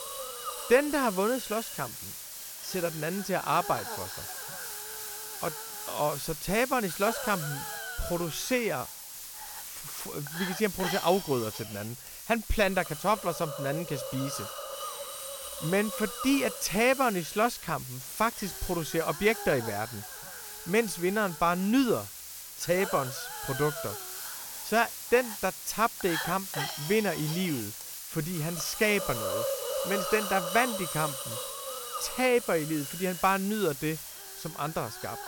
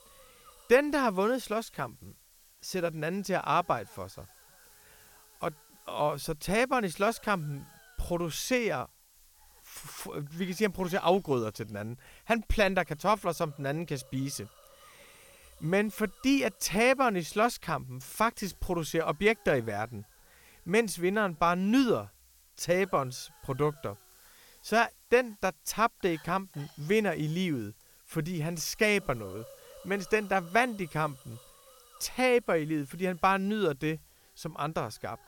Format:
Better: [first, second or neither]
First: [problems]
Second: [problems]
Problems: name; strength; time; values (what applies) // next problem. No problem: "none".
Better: second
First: hiss; loud; throughout; 7 dB below the speech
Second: hiss; faint; throughout; 25 dB below the speech